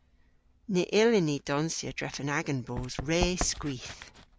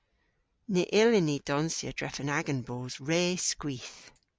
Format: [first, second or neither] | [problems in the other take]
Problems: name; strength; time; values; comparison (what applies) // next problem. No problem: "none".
second | background sound (Run); 11 dB below the speech